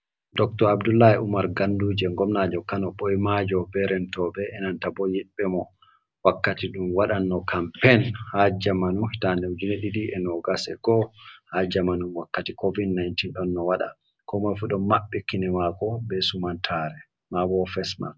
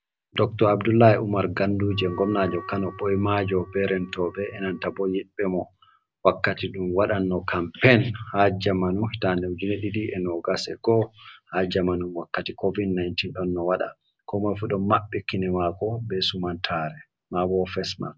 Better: first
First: none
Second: background sound (Wind instrument, woodwind instrument); 19 dB below the speech

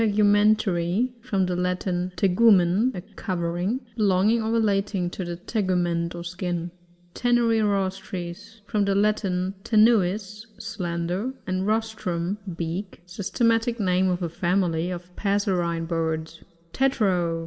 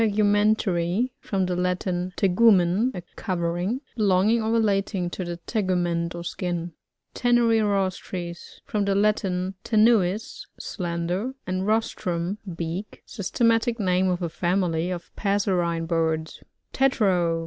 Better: second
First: room echo; dies away in 0.7 s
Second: none

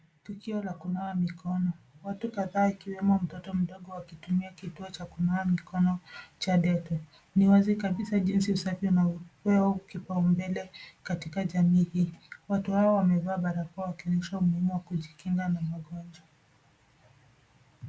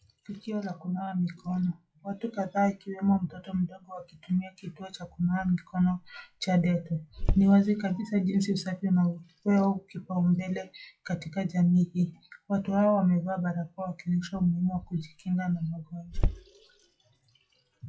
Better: first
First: none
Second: noise reduction (classical method log-MMSE)

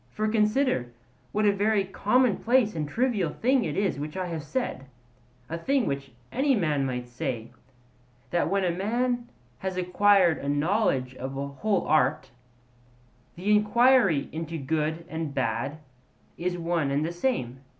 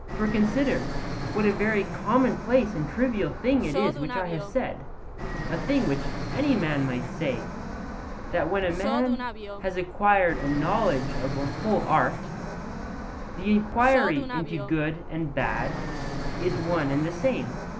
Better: first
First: none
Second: background sound (Fixed-wing aircraft, airplane); 6 dB below the speech

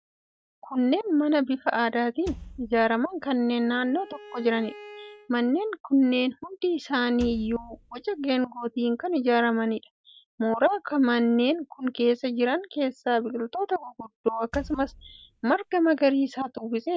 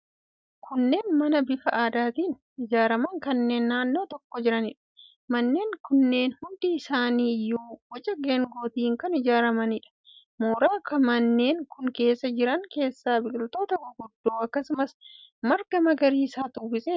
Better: second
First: background sound (Wood + Bowed string instrument); 18 dB below the speech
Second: none

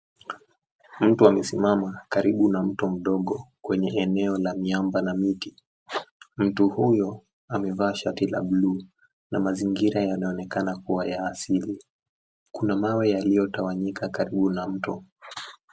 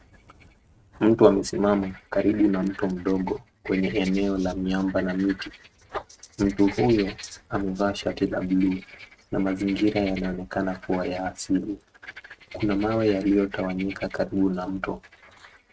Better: first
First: none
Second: noise reduction (neural mask model RNNoise)

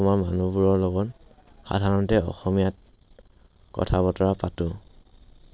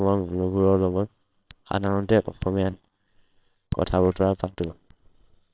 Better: first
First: none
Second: noise reduction (neural separator model SepFormer WHAMR!)

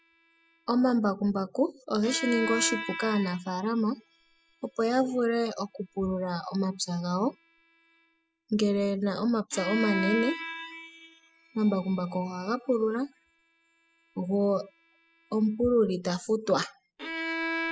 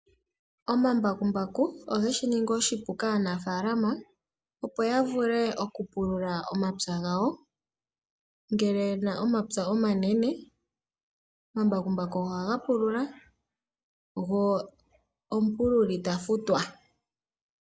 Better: second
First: noise reduction (classical method spectral subtraction)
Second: none

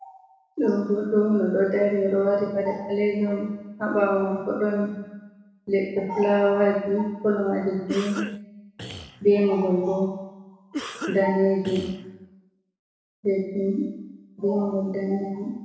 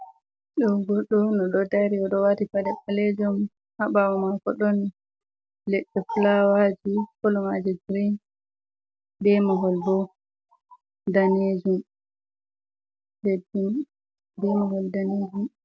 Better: second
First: background sound (Cough); 12 dB below the speech // room echo; dies away in 1 s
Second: none

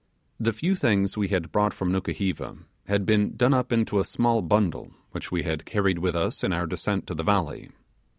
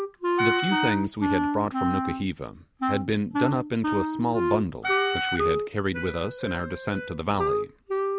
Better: first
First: none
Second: background sound (Wind instrument, woodwind instrument + Wind instrument, woodwind instrument); 1 dB above the speech

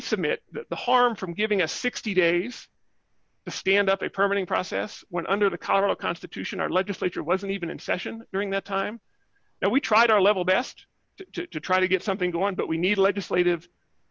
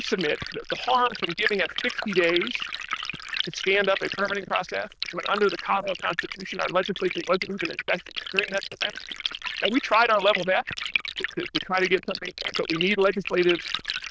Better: first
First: none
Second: noise reduction (neural diffusion model UNIVERSE++)

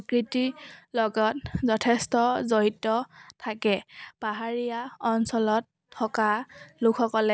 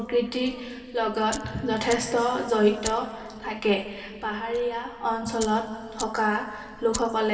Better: first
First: none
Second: background sound (Fire); 16 dB below the speech // room echo; dies away in 2.5 s

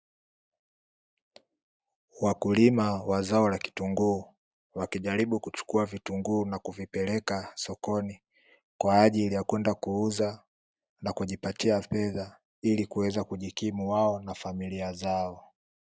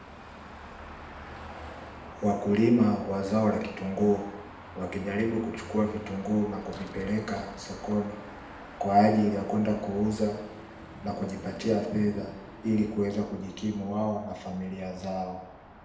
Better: first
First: none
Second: background sound (Car passing by / Traffic noise, roadway noise / Engine); 16 dB below the speech // room echo; dies away in 0.8 s

